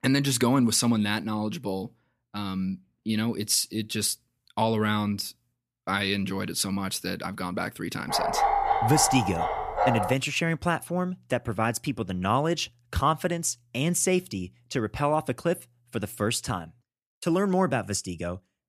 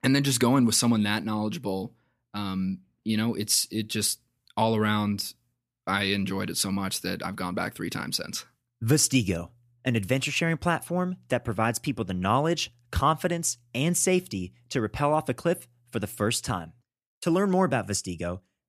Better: second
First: dog barking; loud; from 8 to 10 s; peak 4 dB above the speech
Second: none

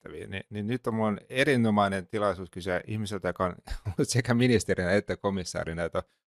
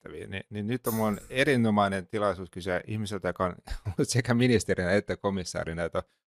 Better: first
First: none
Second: jangling keys; noticeable; at 1 s; peak 10 dB below the speech

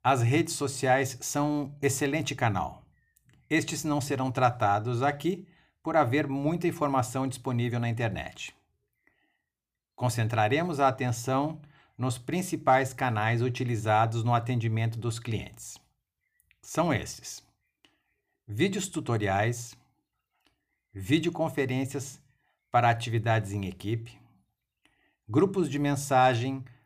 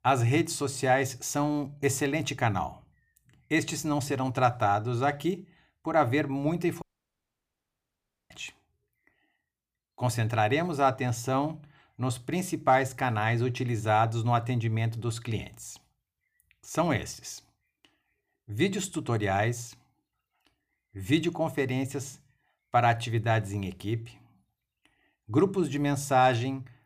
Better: first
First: none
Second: audio cutting out; at 7 s for 1.5 s

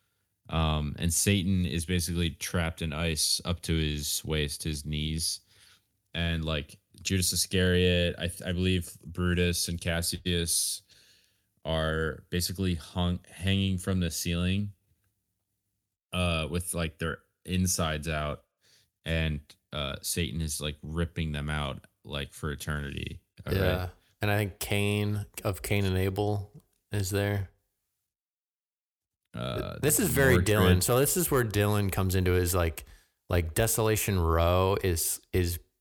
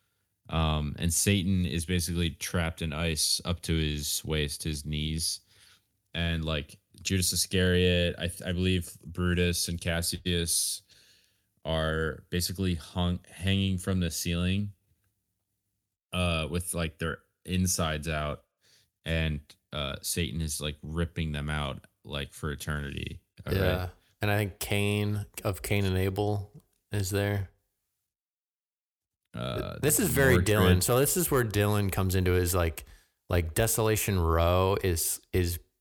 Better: neither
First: none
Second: none

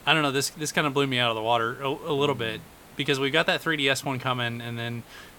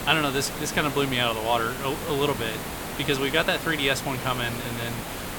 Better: first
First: hiss; faint; throughout; 25 dB below the speech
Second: hiss; loud; throughout; 7 dB below the speech

